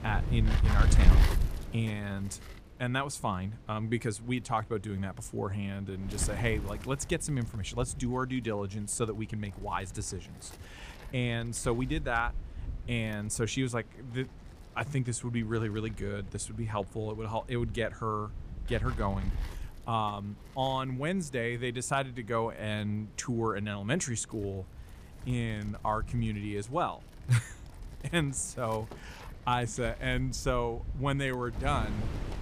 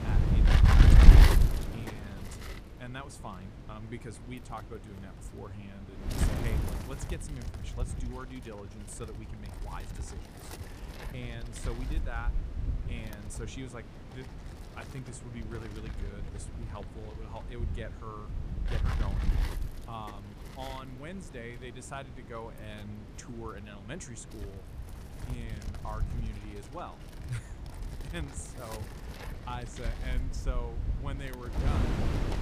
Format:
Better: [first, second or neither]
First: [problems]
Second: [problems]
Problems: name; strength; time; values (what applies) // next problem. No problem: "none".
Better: first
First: wind noise on the microphone; occasional gusts; 15 dB below the speech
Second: wind noise on the microphone; heavy; 3 dB above the speech